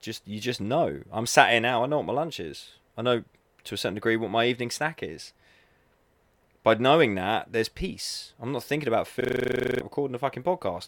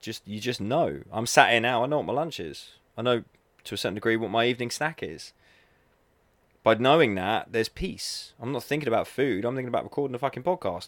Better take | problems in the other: second | audio freezing; at 9 s for 0.5 s

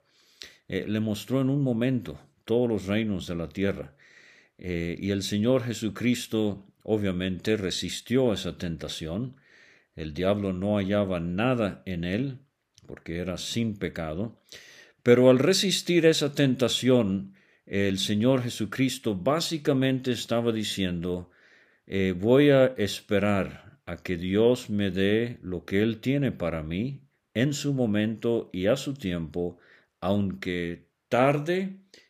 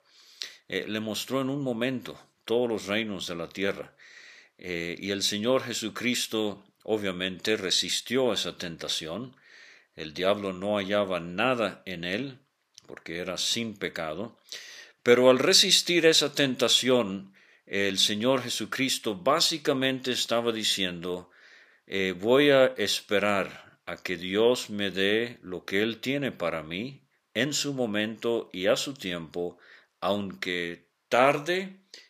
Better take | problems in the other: first | thin; very slightly; fading below 650 Hz

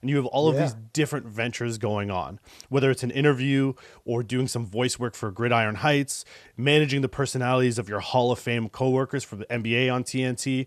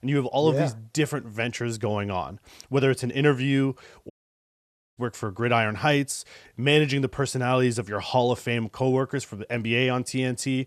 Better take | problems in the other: first | audio cutting out; at 4 s for 1 s

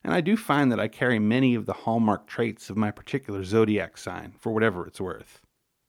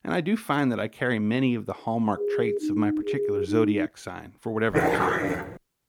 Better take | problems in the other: first | siren; loud; from 2 to 4 s; peak 1 dB above the speech // dog barking; loud; at 4.5 s; peak 5 dB above the speech

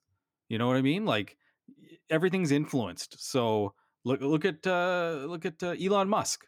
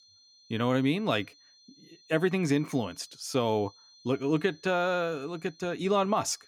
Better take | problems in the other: first | high-pitched whine; faint; throughout; 4 kHz, 25 dB below the speech

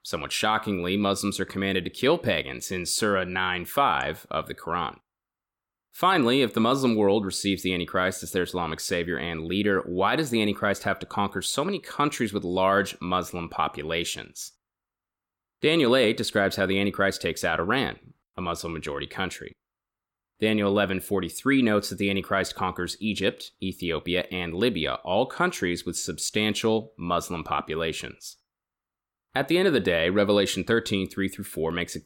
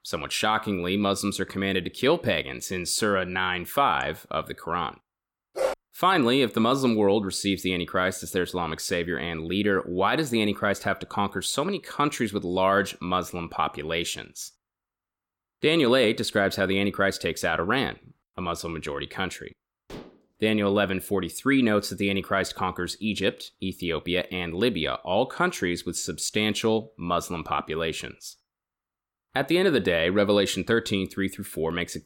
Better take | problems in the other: first | dog barking; noticeable; at 5.5 s; peak 3 dB below the speech // clattering dishes; faint; at 20 s; peak 20 dB below the speech

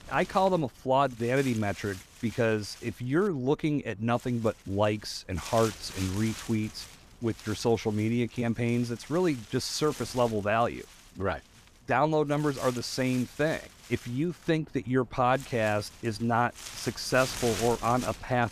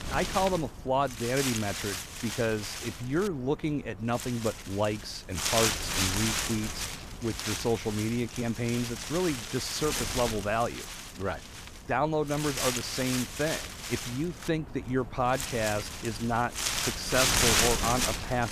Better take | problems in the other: first | wind noise on the microphone; heavy; as loud as the speech; occasional gusts in the first

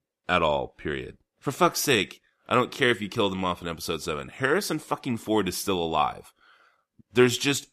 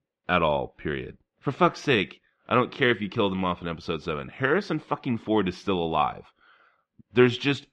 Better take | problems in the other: first | muffled; slightly; fading above 3.5 kHz

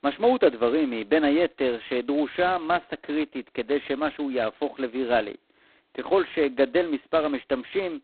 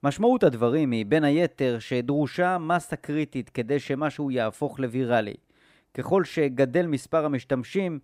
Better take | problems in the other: second | phone-call audio; poor line; nothing above 4 kHz

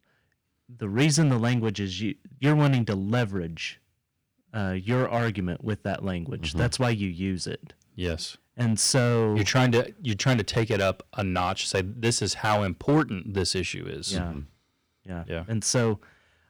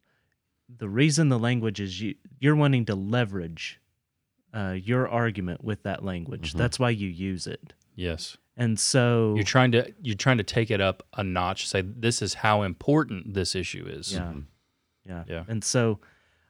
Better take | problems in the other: second | distortion; slight; 4% of the sound clipped

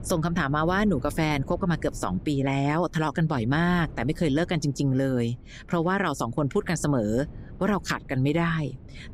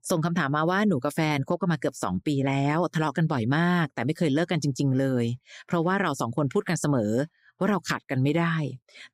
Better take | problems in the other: second | wind noise on the microphone; occasional gusts; 25 dB below the speech

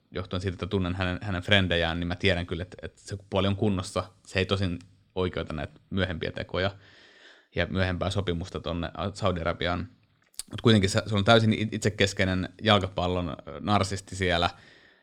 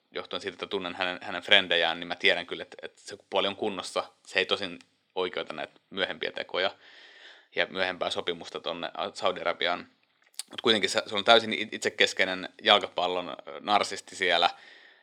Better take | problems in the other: first | thin; somewhat; fading below 400 Hz

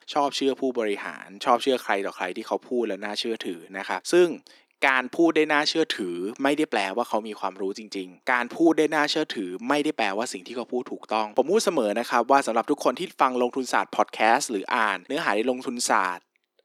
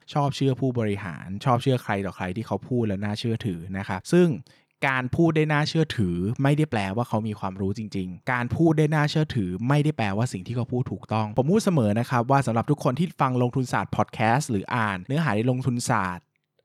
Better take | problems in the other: second | thin; somewhat; fading below 300 Hz

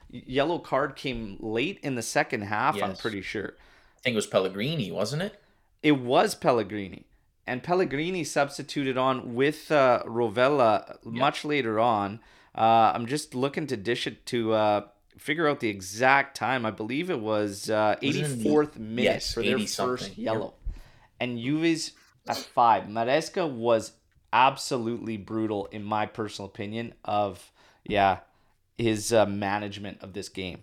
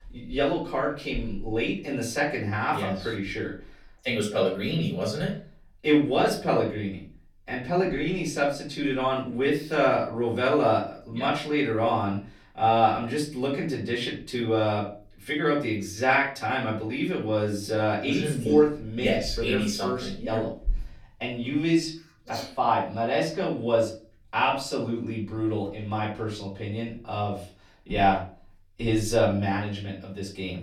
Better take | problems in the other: first | off-mic speech; far // room echo; slight; dies away in 0.4 s

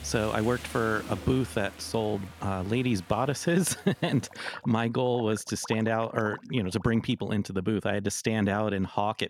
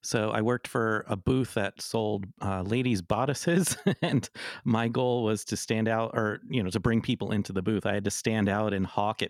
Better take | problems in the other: second | rain or running water; noticeable; until 6.5 s; 15 dB below the speech

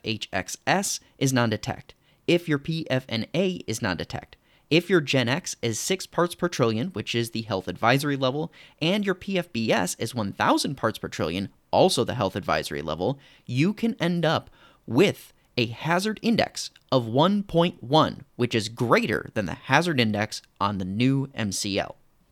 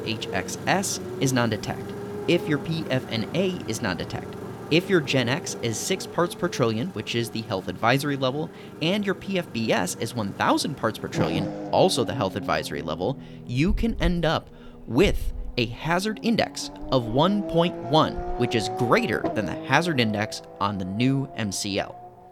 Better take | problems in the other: first | traffic noise; noticeable; throughout; 10 dB below the speech

